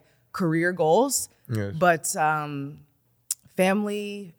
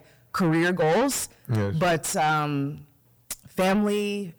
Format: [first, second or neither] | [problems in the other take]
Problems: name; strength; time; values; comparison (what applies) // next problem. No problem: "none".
first | distortion; heavy; 5 dB below the speech